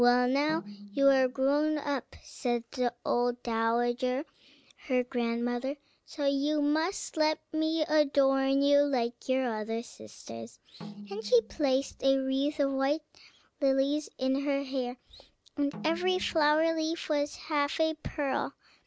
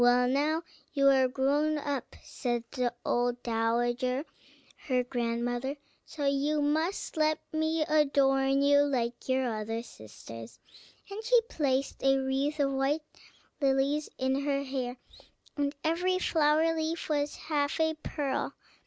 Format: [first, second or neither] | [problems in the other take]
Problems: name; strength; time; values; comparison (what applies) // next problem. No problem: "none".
second | background sound (Snare drum); 19 dB below the speech